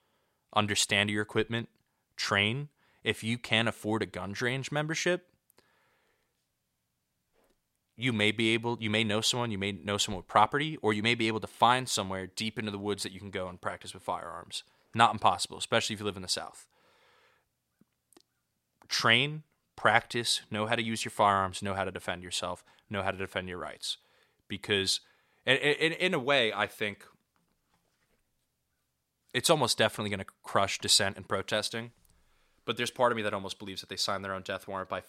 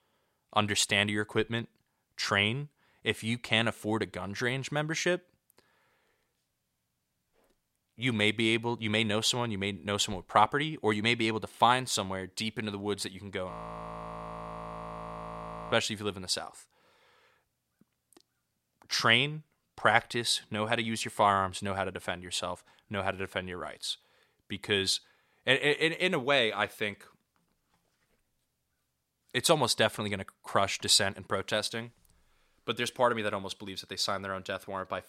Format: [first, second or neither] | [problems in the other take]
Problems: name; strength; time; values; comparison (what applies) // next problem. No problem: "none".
first | audio freezing; at 14 s for 2 s